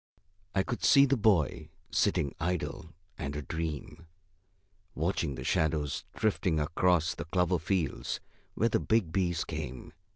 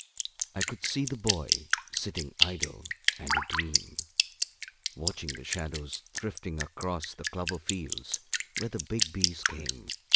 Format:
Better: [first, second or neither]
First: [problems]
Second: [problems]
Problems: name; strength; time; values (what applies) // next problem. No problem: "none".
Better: first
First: none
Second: background sound (Drip); 4 dB above the speech